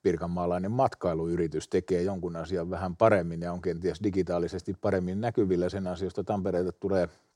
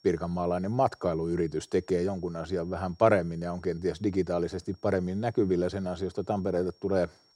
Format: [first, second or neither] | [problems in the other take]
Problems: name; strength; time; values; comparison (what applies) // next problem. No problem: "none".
first | high-pitched whine; faint; throughout; 5.5 kHz, 30 dB below the speech